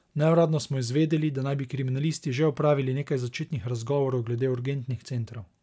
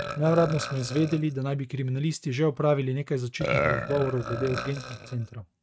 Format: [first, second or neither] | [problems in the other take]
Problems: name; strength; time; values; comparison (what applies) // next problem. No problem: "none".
first | noise reduction (neural mask model RNNoise)